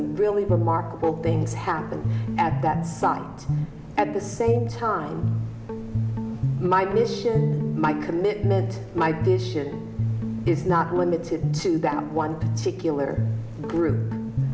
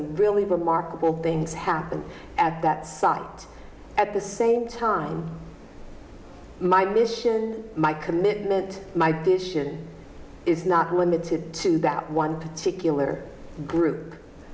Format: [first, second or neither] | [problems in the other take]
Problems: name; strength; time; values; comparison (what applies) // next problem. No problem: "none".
second | background sound (Guitar); 1 dB below the speech